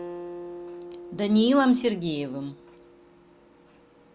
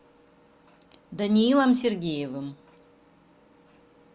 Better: second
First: background sound (Acoustic guitar); 15 dB below the speech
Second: none

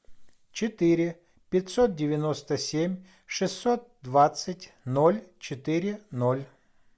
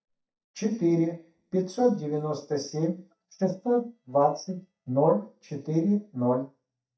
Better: first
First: none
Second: noise reduction (neural mask model DeepFilterNet 3)

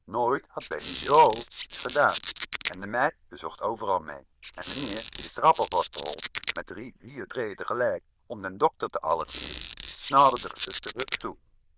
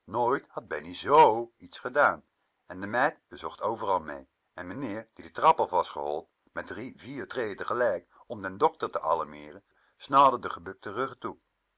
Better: second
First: noise reduction (neural diffusion model UNIVERSE++)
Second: none

